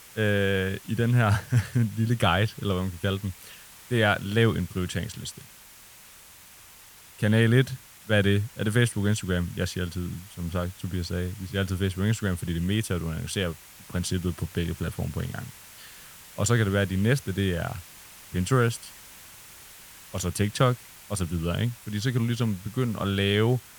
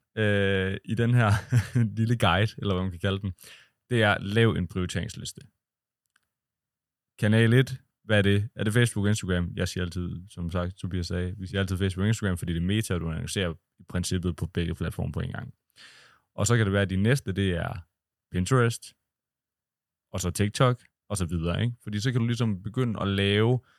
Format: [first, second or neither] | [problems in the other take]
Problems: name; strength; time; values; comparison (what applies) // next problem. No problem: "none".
second | hiss; noticeable; throughout; 20 dB below the speech